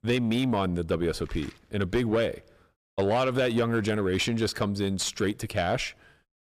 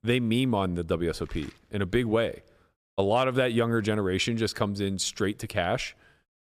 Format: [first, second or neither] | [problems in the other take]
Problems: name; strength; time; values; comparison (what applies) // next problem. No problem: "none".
second | distortion; slight; 10 dB below the speech